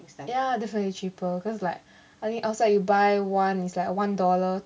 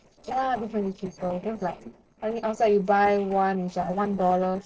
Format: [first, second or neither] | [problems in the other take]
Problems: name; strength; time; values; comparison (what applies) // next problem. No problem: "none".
first | noise reduction (neural separator model SepFormer DNS4)